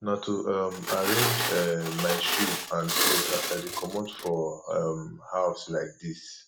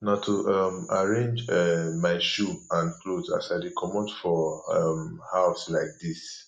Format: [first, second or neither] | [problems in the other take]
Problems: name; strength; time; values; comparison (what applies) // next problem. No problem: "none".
second | background sound (Glass); 1 dB above the speech